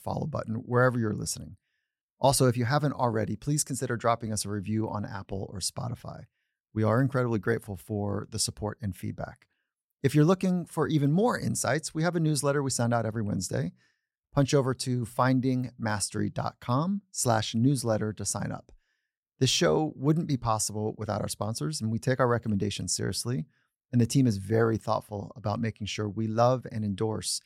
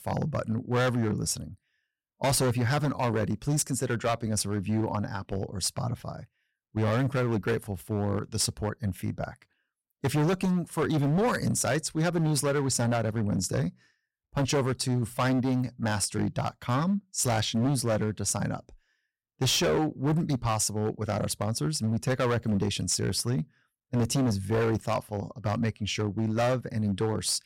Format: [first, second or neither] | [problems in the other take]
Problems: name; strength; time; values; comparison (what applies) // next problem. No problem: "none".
first | distortion; heavy; 12% of the sound clipped